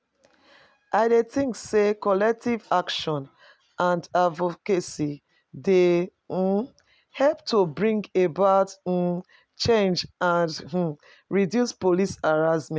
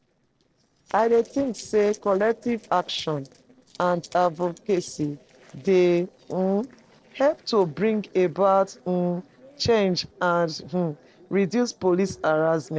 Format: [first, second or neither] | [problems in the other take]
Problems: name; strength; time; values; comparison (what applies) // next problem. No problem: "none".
first | noise reduction (neural separator model SepFormer DNS4)